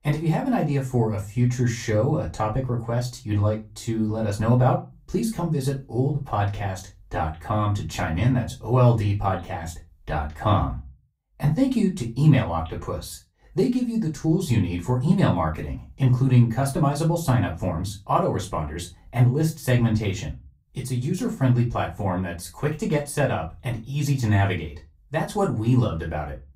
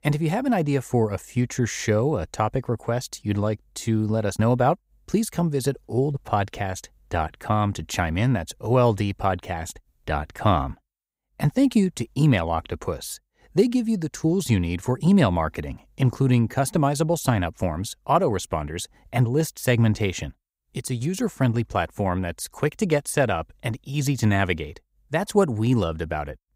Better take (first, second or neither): second